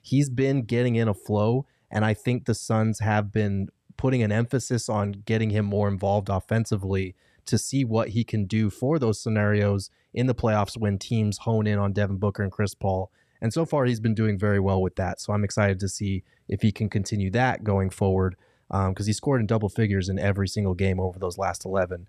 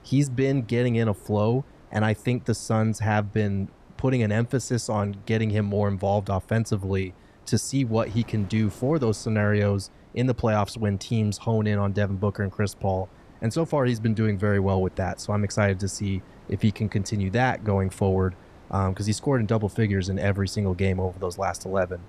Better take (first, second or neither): first